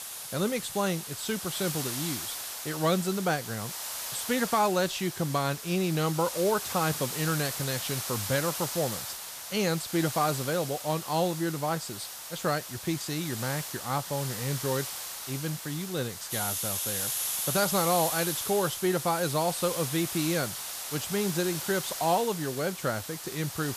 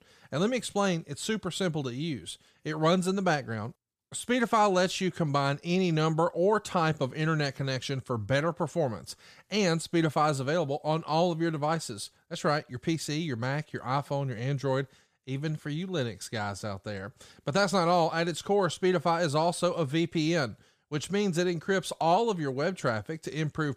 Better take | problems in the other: second | hiss; loud; throughout; 4 dB below the speech

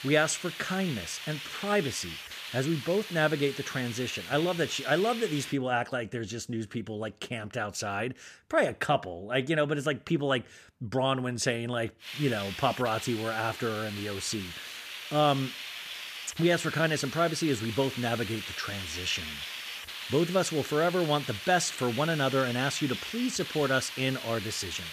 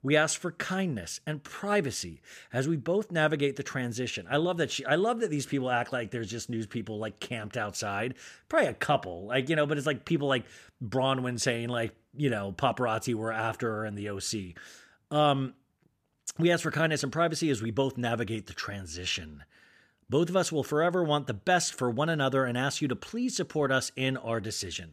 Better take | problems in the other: second | hiss; loud; until 5.5 s and from 12 s on; 8 dB below the speech

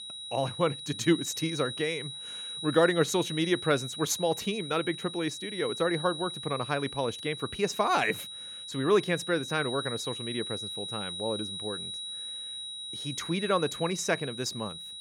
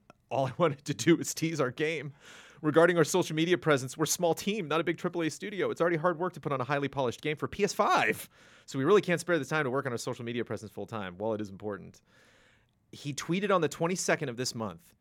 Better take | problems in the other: second | high-pitched whine; loud; throughout; 4 kHz, 7 dB below the speech

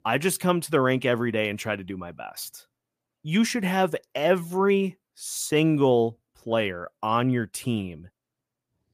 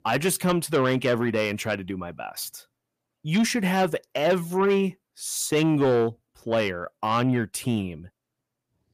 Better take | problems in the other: first | distortion; slight; 10 dB below the speech

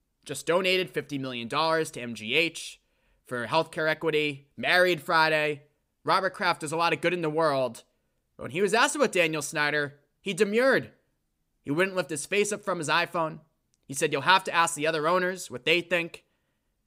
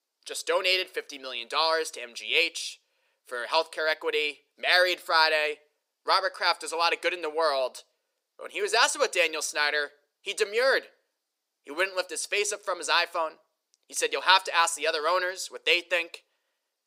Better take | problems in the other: first | thin; very; fading below 450 Hz

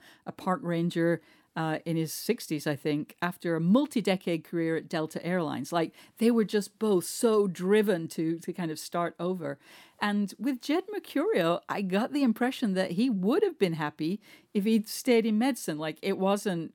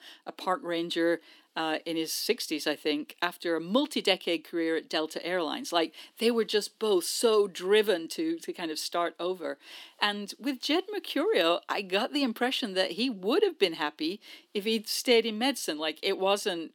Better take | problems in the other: first | thin; somewhat; fading below 300 Hz

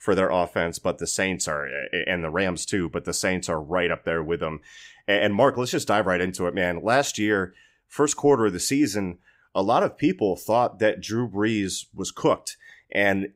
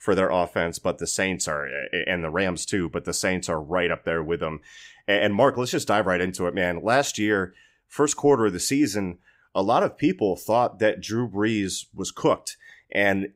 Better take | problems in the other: neither | none

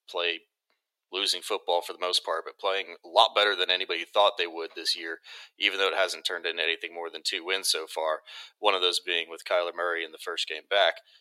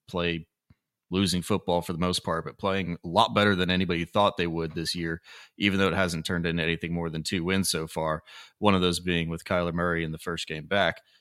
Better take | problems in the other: second | thin; very; fading below 400 Hz

